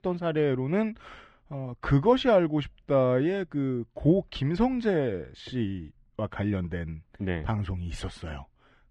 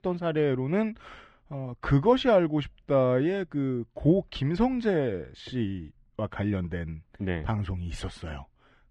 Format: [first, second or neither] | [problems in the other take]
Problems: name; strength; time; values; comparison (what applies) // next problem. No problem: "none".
neither | muffled; slightly; fading above 2.5 kHz; the same in both